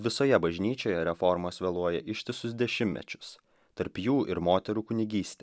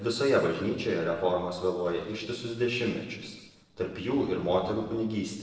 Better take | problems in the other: first | noise reduction (neural separator model SepFormer DNS4)

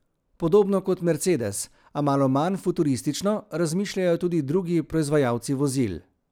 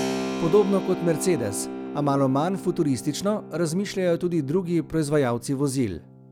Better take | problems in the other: first | background sound (Keyboard (musical)); 10 dB below the speech

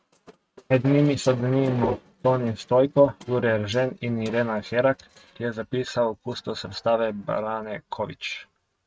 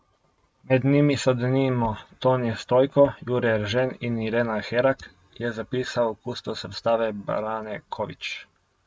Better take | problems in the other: second | noise reduction (neural mask model RNNoise)

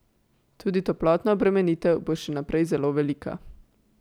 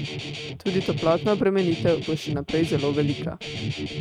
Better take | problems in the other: first | noise reduction (neural mask model RNNoise)

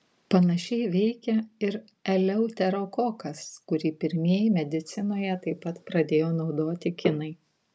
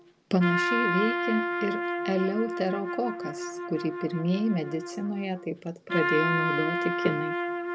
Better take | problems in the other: first | background sound (Trumpet); 1 dB below the speech

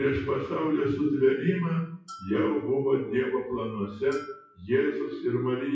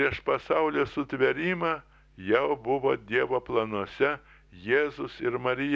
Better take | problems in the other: second | noise reduction (classical method WPE with log-MMSE)

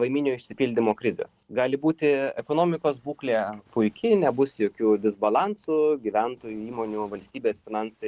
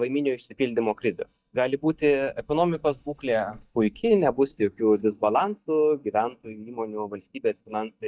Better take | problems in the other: first | noise reduction (neural mask model DeepFilterNet 3)

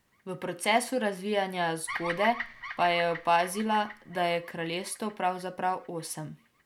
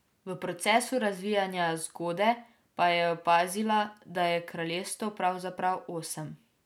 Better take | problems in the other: second | background sound (Bird vocalization, bird call, bird song); 13 dB below the speech

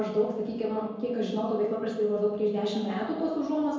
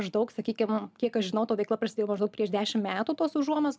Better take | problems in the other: second | room echo; dies away in 1.2 s

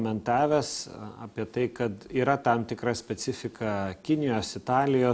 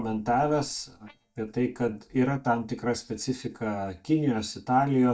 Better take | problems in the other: first | noise reduction (neural mask model DeepFilterNet 3)

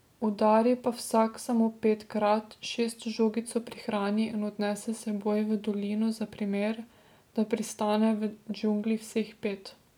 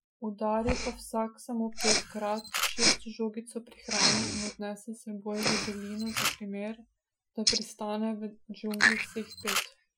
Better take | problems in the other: first | noise reduction (classical method Wiener filter)

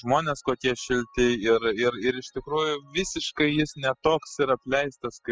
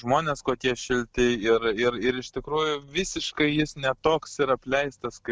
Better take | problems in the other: second | noise reduction (classical method spectral subtraction)

